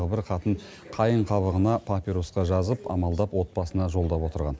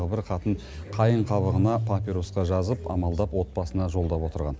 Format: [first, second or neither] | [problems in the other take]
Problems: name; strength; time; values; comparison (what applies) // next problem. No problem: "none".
first | background sound (Engine starting / Car); 7 dB below the speech